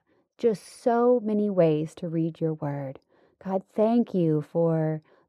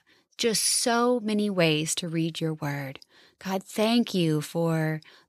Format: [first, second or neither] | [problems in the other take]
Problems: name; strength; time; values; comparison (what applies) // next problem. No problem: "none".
second | muffled; very; fading above 2 kHz